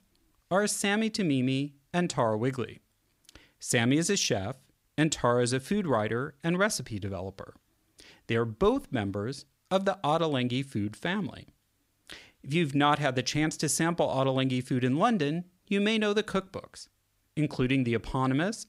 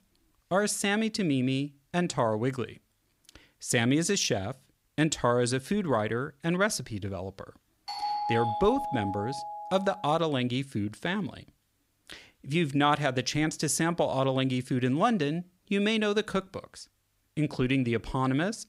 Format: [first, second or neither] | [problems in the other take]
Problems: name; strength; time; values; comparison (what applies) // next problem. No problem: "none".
first | doorbell; noticeable; from 8 to 10 s; peak 2 dB below the speech